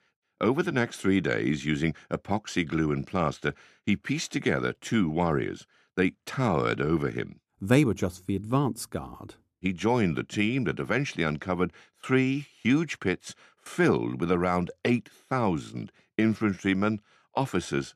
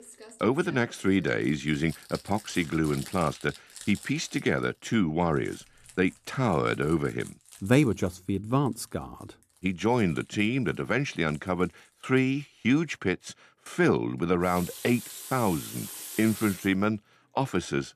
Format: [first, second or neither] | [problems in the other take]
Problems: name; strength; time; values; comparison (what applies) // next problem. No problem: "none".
first | household noises; noticeable; throughout; 15 dB below the speech